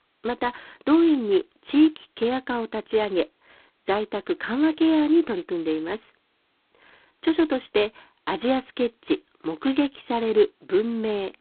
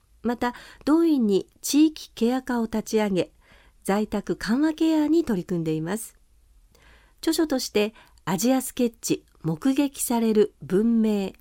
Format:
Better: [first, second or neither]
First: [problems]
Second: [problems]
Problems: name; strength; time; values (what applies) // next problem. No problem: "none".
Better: second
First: phone-call audio; poor line; nothing above 4 kHz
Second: none